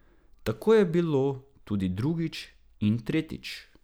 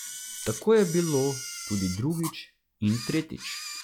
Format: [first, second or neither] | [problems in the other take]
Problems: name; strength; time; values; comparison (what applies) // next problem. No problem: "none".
first | noise reduction (classical method log-MMSE)